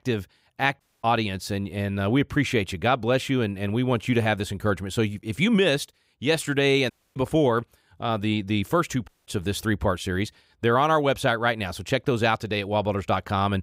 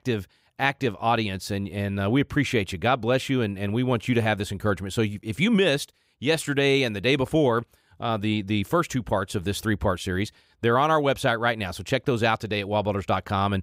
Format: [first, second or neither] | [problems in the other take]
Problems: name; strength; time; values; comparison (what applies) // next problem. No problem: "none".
second | audio cutting out; at 1 s, at 7 s and at 9 s